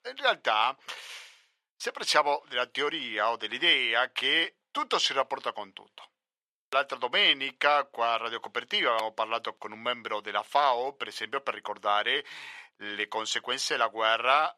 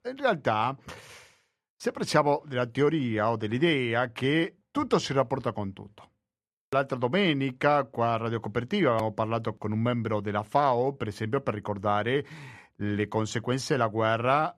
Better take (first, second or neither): second